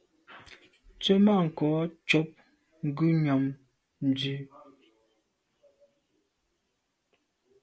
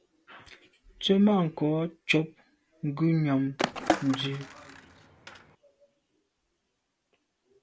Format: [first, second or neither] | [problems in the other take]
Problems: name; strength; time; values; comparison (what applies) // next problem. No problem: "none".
first | background sound (Skateboard); 3 dB below the speech